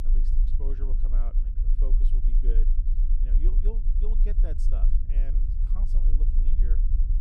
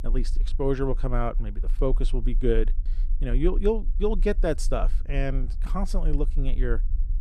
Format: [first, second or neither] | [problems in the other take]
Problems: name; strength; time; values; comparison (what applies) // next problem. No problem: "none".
second | low rumble; loud; throughout; 3 dB below the speech; faint in the second